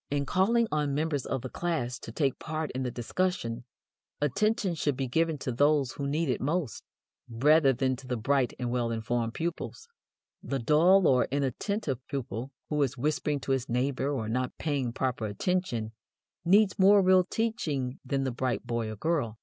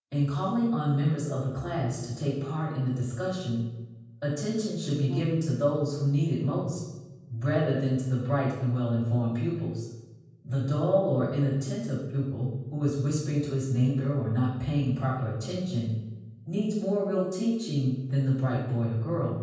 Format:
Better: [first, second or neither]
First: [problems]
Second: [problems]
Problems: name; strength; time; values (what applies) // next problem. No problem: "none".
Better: first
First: none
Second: background sound (Brass instrument); 18 dB below the speech // room echo; dies away in 1.2 s